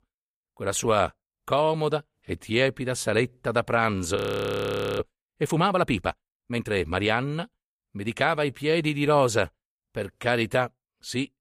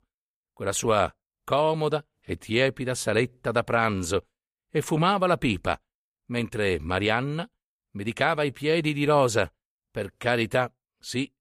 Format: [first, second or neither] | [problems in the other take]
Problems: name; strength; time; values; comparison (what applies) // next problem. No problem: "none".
second | audio freezing; at 4 s for 1 s